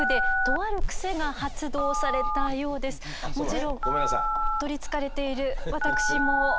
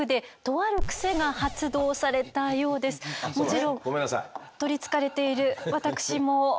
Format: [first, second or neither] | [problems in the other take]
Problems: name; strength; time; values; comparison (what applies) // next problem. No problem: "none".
second | background sound (Telephone); 3 dB above the speech